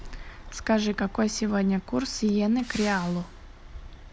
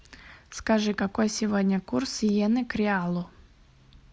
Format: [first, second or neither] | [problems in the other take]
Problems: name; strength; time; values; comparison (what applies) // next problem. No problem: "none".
second | background sound (Truck); 15 dB below the speech